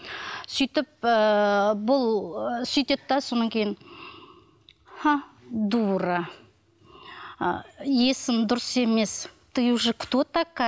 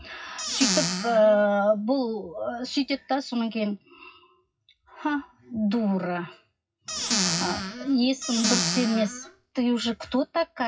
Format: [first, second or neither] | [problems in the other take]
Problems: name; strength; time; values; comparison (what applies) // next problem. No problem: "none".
first | noise reduction (classical method WPE with log-MMSE)